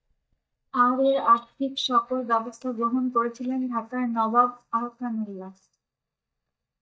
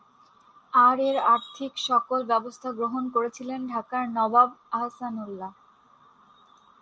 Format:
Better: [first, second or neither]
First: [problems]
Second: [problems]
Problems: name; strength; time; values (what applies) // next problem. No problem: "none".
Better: second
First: noise reduction (neural mask model DeepFilterNet 3)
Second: none